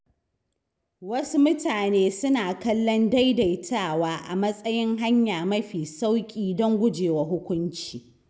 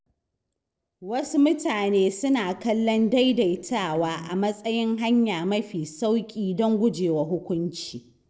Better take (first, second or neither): first